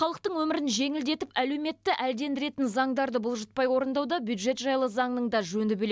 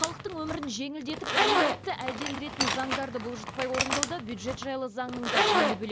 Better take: first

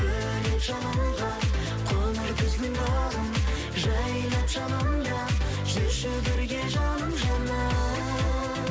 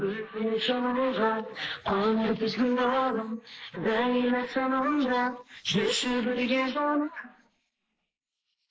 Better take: first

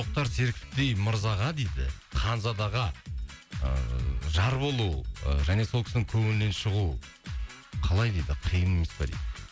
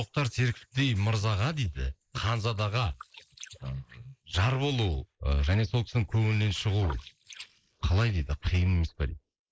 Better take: first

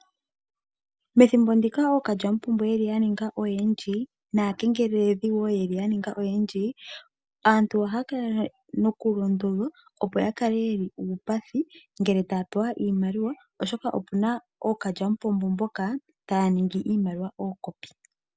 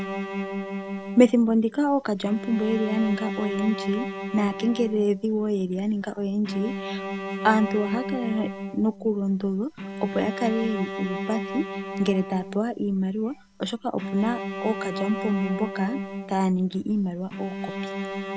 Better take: first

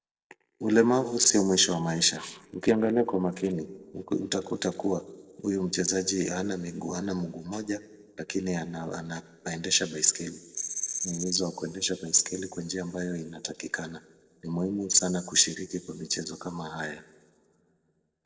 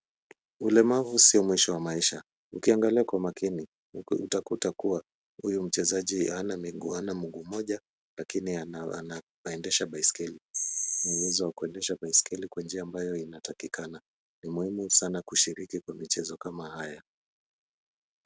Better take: second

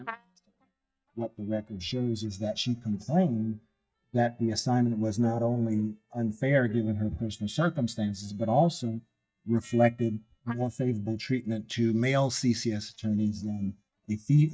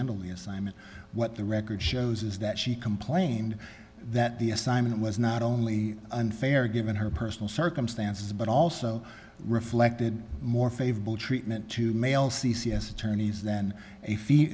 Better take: second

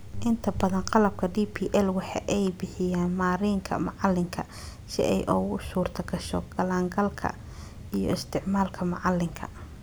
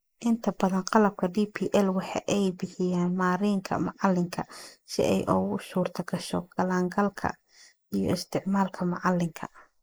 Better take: first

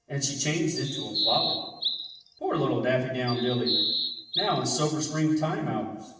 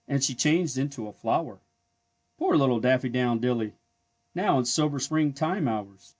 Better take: second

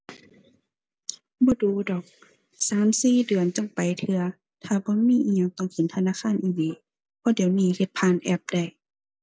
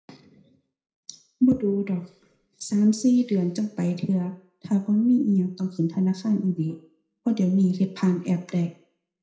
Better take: first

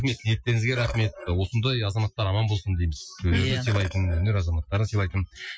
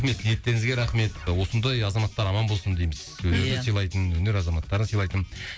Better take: second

